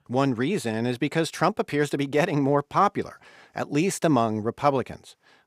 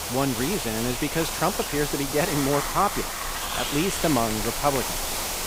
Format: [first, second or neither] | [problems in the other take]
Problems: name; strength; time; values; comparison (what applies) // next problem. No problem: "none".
first | hiss; loud; throughout; 2 dB below the speech